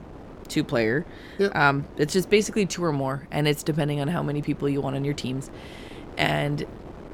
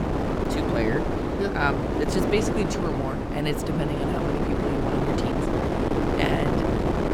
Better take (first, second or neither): first